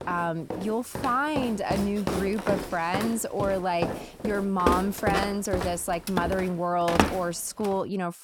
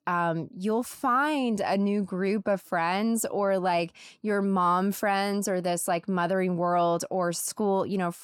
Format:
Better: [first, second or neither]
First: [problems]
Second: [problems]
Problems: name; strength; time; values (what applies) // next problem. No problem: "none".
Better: second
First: footsteps; loud; until 7 s; peak 3 dB above the speech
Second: none